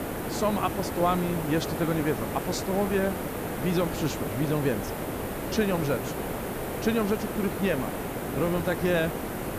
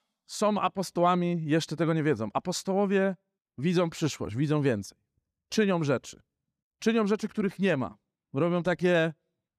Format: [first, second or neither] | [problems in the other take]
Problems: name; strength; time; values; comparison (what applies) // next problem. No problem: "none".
second | hiss; loud; throughout; 4 dB below the speech